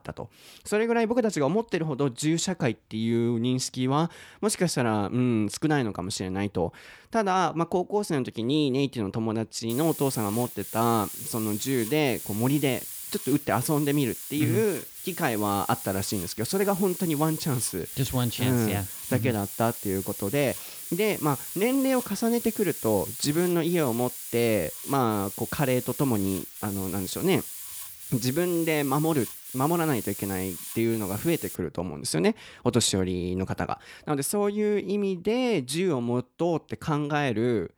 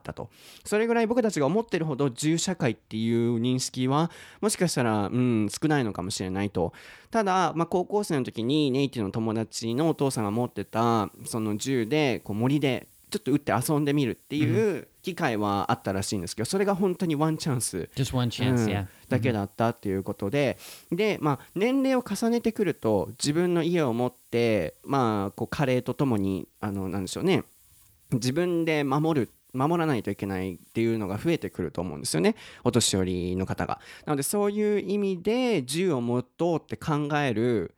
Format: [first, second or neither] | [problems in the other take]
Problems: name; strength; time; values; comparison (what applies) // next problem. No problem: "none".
second | hiss; loud; from 9.5 to 32 s; 8 dB below the speech; faint in the second